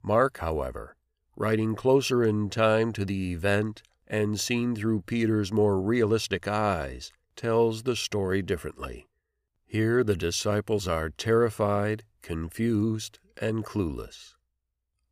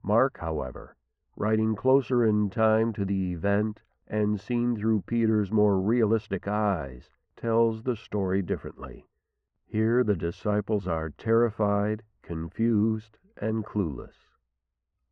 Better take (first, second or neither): first